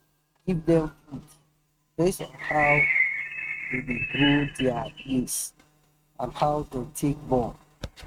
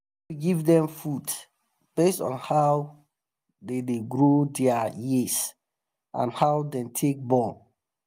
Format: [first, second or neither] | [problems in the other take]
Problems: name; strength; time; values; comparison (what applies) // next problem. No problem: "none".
second | noise reduction (neural mask model RNNoise)